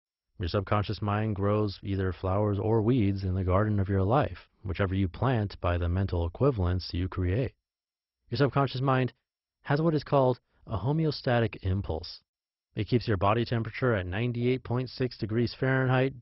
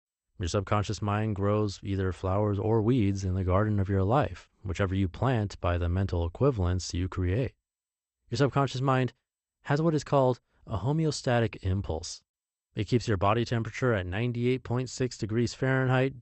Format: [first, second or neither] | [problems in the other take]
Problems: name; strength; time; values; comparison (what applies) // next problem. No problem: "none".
second | garbled, watery; badly; nothing above 5.5 kHz; slightly in the second